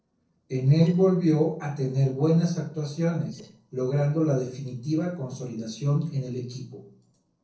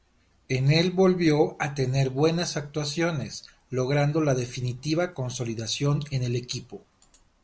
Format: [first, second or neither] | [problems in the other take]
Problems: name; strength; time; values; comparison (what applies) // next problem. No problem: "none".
second | noise reduction (neural separator model SepFormer DNS4)